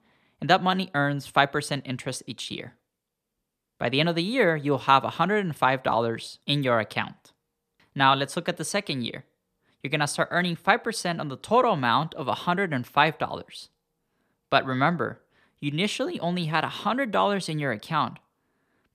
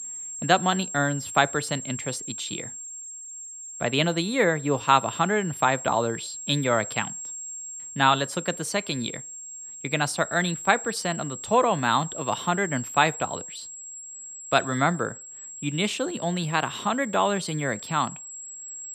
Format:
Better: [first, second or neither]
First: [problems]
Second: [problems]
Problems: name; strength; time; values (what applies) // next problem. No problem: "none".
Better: first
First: none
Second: high-pitched whine; noticeable; throughout; 7.5 kHz, 10 dB below the speech